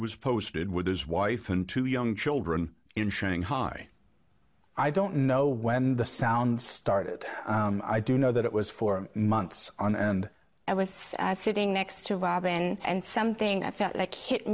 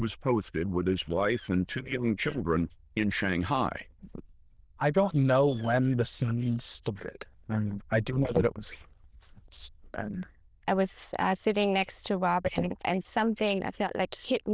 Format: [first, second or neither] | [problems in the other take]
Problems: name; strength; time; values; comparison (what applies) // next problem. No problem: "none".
first | noise reduction (neural diffusion model UNIVERSE++)